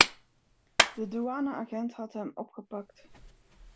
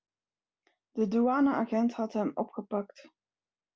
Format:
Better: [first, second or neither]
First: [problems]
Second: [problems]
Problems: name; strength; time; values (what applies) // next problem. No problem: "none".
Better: second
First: background sound (Clapping); 4 dB above the speech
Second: none